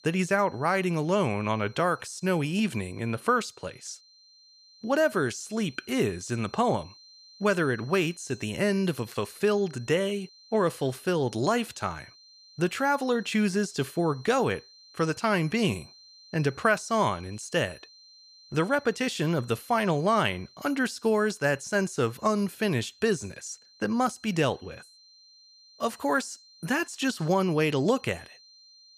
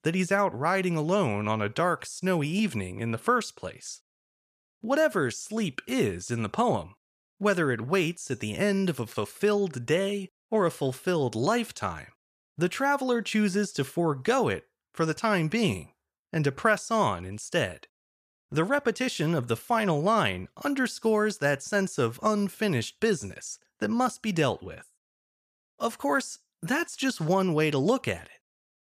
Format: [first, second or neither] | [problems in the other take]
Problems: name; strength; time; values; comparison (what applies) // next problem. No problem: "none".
second | high-pitched whine; faint; throughout; 4 kHz, 25 dB below the speech